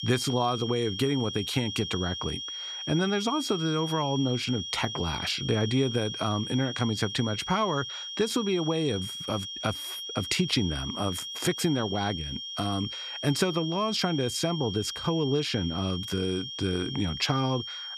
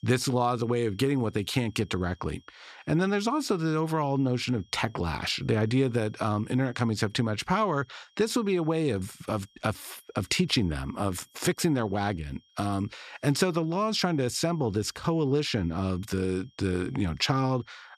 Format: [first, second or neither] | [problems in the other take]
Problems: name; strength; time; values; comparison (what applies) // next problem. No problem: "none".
second | high-pitched whine; loud; throughout; 3 kHz, 6 dB below the speech; faint in the second